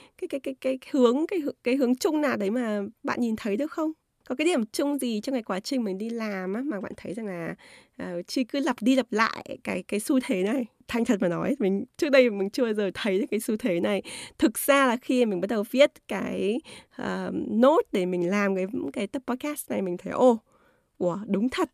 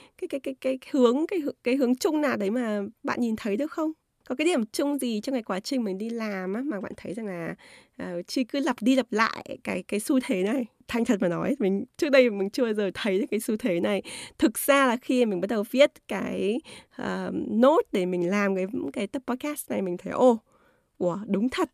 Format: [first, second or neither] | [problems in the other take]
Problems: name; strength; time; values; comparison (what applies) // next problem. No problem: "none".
neither | none